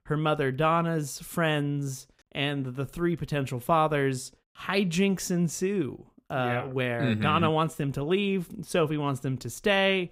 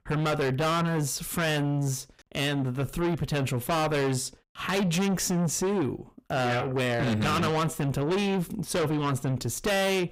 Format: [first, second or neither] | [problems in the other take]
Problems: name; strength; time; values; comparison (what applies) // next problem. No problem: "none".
first | distortion; heavy; 5 dB below the speech